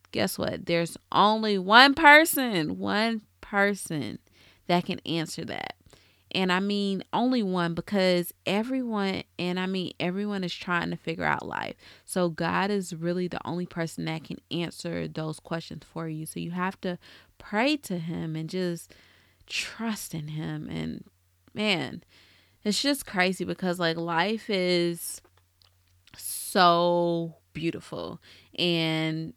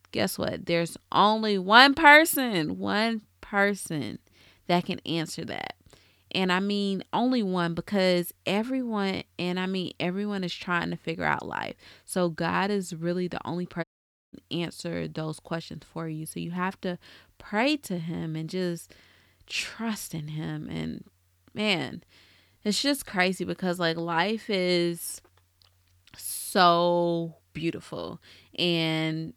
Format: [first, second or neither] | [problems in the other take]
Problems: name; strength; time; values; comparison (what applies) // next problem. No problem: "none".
first | audio cutting out; at 14 s